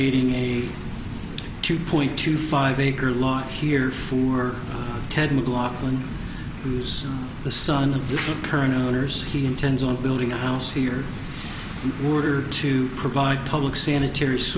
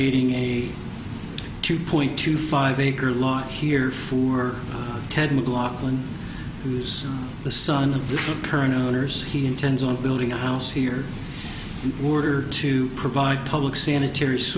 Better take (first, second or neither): second